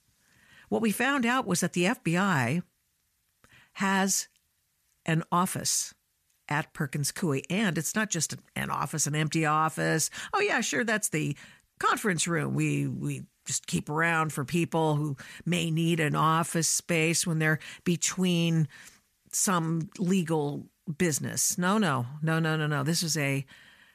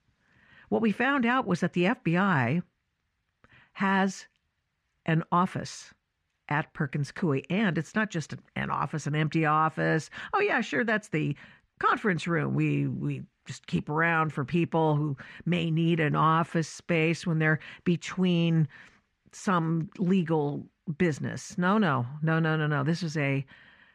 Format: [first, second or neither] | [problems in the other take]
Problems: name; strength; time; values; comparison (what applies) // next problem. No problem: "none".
first | muffled; very; fading above 2.5 kHz